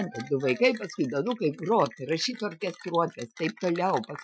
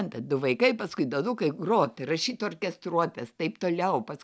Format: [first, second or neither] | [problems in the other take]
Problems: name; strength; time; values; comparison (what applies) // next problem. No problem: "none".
second | noise reduction (classical method Wiener filter)